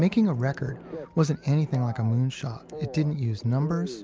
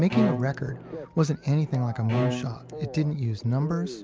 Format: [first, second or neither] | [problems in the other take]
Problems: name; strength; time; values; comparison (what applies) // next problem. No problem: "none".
first | background sound (Bowed string instrument); 8 dB below the speech